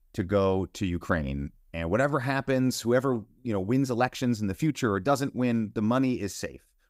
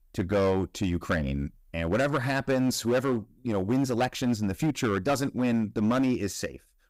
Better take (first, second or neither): first